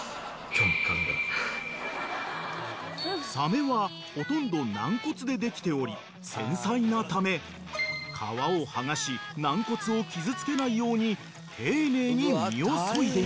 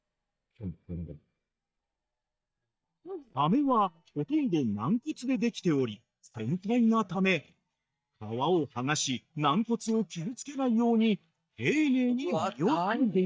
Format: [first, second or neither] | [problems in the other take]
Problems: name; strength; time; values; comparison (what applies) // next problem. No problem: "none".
first | noise reduction (neural mask model DeepFilterNet 3)